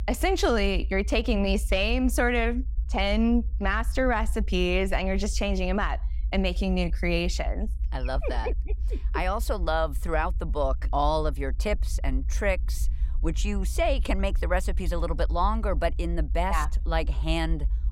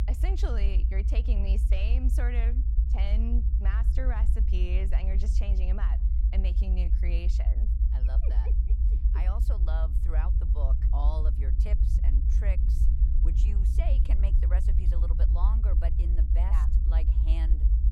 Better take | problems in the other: first | low rumble; loud; throughout; 4 dB below the speech; faint in the first

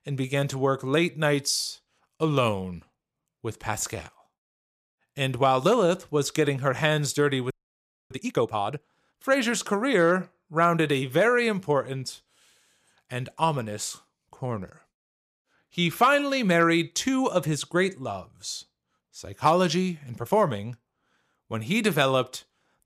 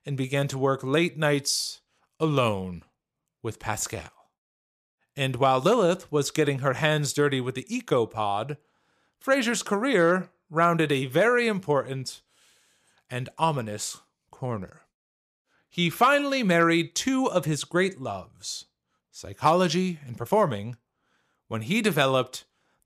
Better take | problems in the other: second | audio freezing; at 7.5 s for 0.5 s

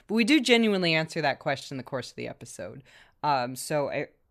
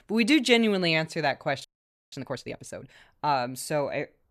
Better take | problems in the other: first | audio freezing; at 1.5 s

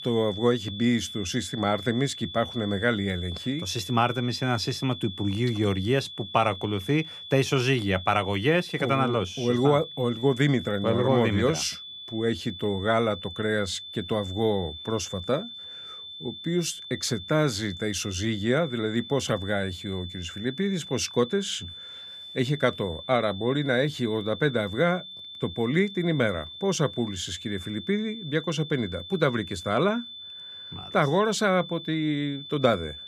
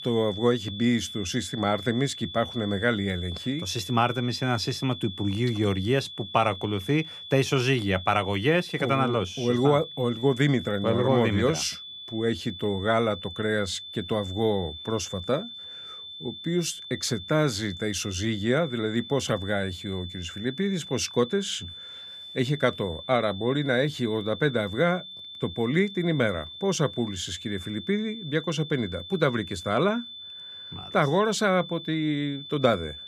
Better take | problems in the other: neither | high-pitched whine; noticeable; throughout; 3.5 kHz, 10 dB below the speech; the same in both

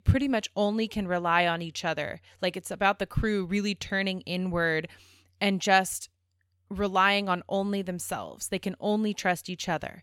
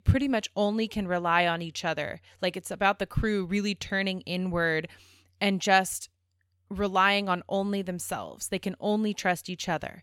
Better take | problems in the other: neither | none

